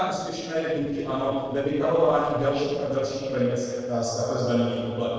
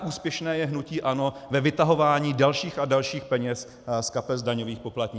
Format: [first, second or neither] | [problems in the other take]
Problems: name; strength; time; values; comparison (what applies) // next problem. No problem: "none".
second | noise reduction (neural separator model SepFormer DNS4)